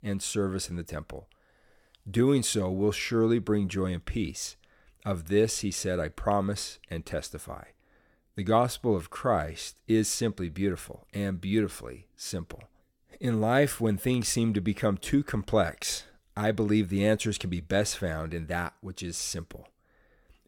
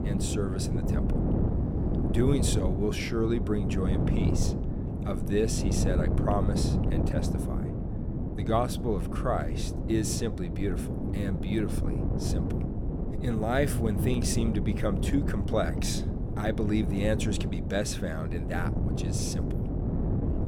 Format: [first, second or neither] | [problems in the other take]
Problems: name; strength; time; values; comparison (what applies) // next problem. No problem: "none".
first | wind noise on the microphone; heavy; 4 dB below the speech